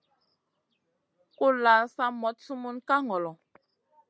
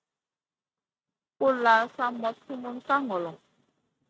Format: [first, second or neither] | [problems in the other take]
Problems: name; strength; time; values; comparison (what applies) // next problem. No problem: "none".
first | noise reduction (neural mask model RNNoise)